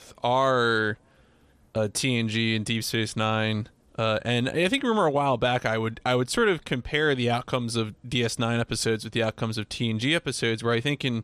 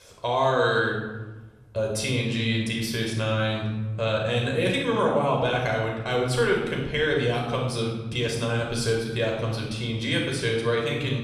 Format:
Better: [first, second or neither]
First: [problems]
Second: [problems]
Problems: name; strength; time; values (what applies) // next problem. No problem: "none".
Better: first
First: none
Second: off-mic speech; somewhat distant // room echo; noticeable; dies away in 1.1 s